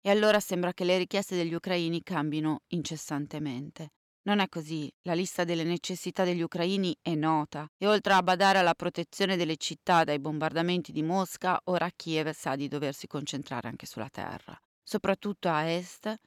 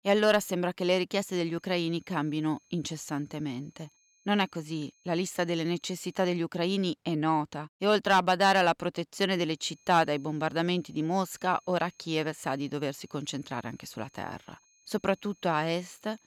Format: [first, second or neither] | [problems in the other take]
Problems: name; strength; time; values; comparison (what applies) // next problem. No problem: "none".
first | high-pitched whine; faint; from 1.5 to 6.5 s and from 9.5 s on; 6.5 kHz, 35 dB below the speech